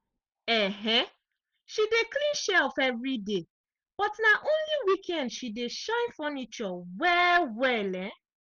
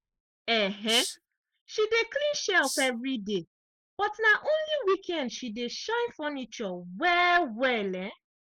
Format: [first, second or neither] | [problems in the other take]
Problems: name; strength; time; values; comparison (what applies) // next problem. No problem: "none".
first | noise reduction (neural mask model Resemble Enhance denoiser)